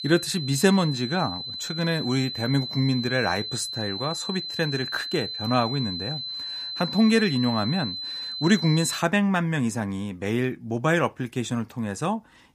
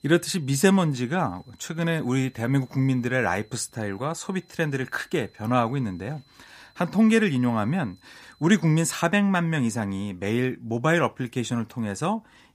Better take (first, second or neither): second